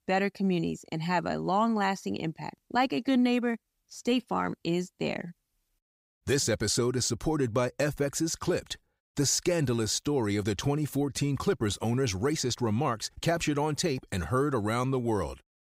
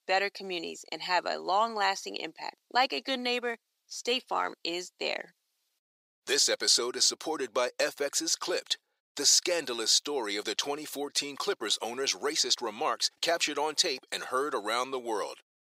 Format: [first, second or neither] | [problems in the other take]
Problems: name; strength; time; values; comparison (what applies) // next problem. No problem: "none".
first | thin; very; fading below 450 Hz